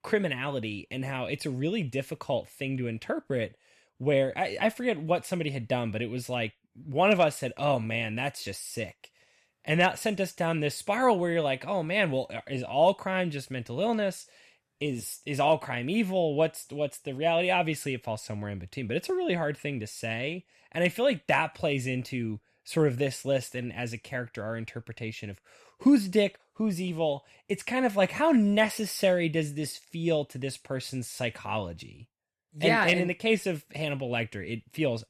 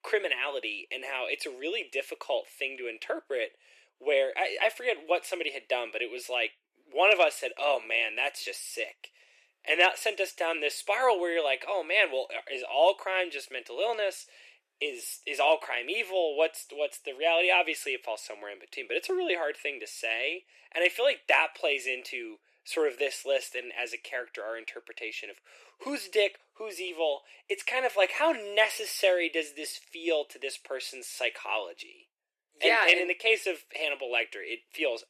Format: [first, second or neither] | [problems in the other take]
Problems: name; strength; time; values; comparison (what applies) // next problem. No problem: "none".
first | thin; very; fading below 350 Hz